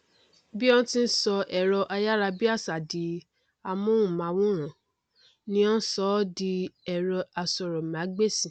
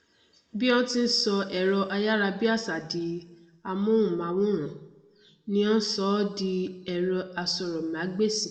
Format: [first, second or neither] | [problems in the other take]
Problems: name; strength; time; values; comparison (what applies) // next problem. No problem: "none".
first | room echo; dies away in 0.8 s